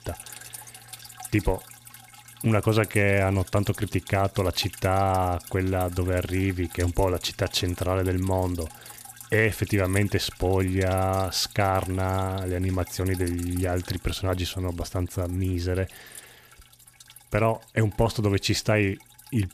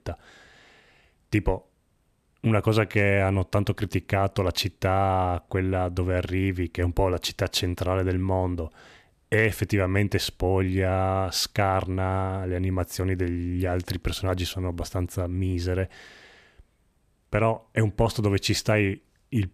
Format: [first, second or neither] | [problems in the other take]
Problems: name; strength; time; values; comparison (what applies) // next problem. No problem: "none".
second | rain or running water; noticeable; throughout; 15 dB below the speech